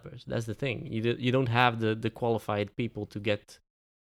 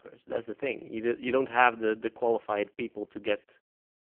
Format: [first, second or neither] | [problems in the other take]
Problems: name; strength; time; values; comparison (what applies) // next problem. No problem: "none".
first | phone-call audio; poor line